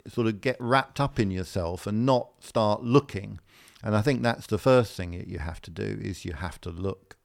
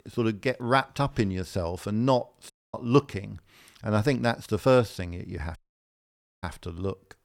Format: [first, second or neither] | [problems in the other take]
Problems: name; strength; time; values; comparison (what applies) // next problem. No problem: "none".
first | audio cutting out; at 2.5 s and at 5.5 s for 1 s